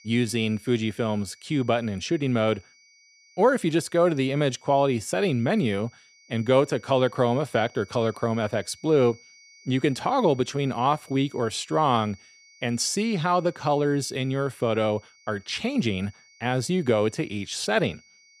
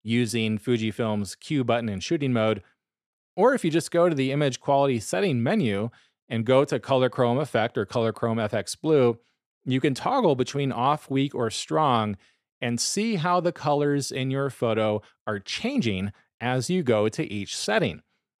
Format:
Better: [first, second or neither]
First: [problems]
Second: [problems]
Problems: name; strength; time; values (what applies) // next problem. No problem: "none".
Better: second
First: high-pitched whine; faint; throughout; 2 kHz, 25 dB below the speech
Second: none